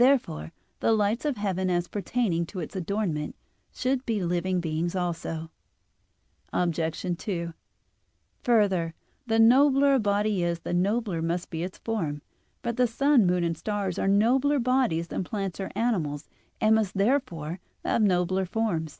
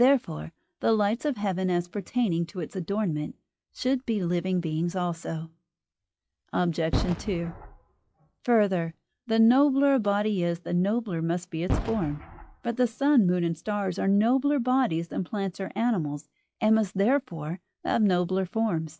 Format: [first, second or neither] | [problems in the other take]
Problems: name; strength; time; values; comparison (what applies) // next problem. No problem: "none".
first | noise reduction (classical method log-MMSE)